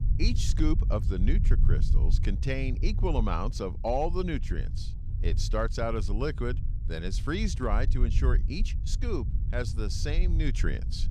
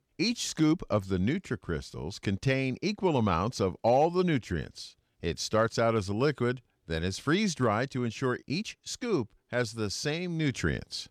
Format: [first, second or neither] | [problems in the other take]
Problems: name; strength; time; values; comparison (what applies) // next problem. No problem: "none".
second | low rumble; noticeable; throughout; 15 dB below the speech